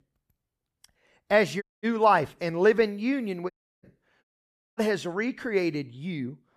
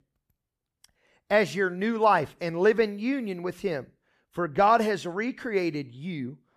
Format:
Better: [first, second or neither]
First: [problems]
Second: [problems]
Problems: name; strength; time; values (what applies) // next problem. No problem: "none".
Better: second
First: audio cutting out; at 1.5 s, at 3.5 s and at 4 s for 0.5 s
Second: none